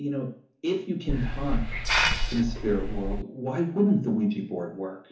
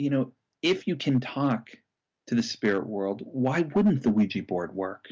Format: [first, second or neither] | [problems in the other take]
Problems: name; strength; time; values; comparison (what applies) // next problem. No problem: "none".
second | background sound (Hiss); 2 dB above the speech // room echo; dies away in 0.8 s